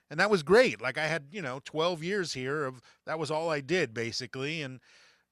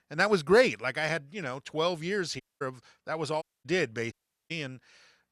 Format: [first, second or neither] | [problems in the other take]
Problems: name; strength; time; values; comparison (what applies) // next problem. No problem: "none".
first | audio cutting out; at 2.5 s, at 3.5 s and at 4 s